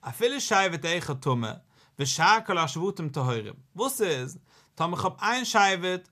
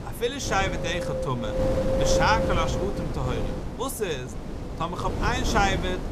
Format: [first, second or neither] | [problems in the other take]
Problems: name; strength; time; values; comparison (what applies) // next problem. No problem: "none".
first | wind noise on the microphone; heavy; 3 dB below the speech